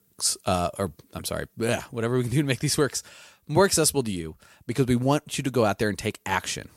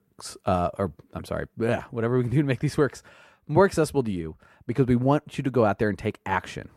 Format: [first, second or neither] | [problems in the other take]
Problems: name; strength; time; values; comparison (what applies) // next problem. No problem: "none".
first | muffled; very; fading above 3 kHz